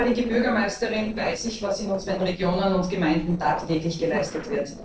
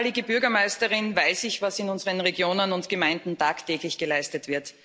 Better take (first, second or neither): second